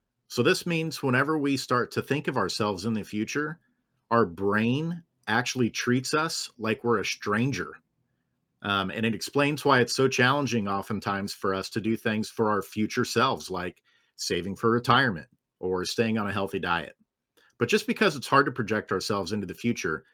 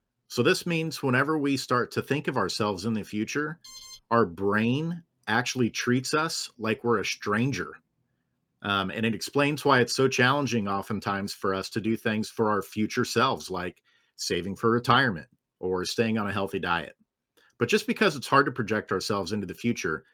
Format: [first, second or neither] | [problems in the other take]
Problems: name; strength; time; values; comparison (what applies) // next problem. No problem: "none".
first | alarm; faint; at 3.5 s; peak 15 dB below the speech